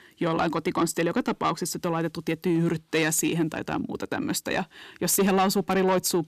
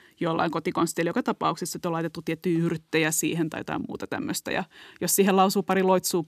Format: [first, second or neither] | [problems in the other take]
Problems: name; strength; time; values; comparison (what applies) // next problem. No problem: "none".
second | distortion; slight; 10 dB below the speech